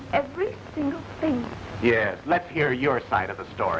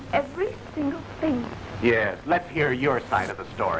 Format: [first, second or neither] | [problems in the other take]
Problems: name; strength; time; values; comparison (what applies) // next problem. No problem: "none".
first | background sound (Zipper (clothing)); 20 dB below the speech